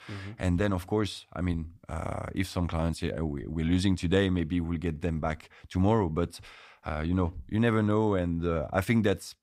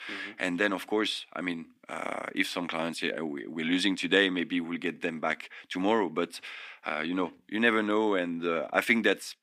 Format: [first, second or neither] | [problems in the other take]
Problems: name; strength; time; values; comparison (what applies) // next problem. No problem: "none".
first | thin; somewhat; fading below 250 Hz